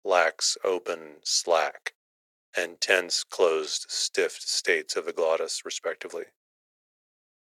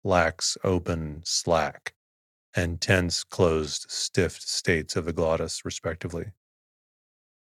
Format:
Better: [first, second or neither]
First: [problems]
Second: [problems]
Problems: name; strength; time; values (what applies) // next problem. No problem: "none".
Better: second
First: thin; very; fading below 400 Hz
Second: none